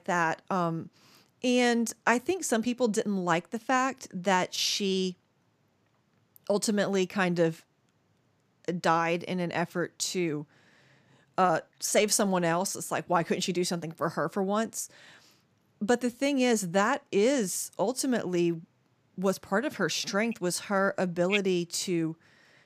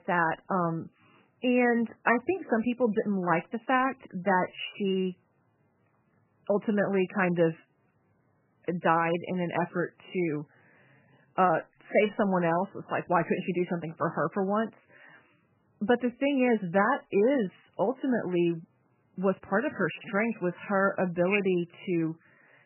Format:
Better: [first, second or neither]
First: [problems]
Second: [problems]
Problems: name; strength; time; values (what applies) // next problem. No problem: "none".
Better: first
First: none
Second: garbled, watery; badly; nothing above 3 kHz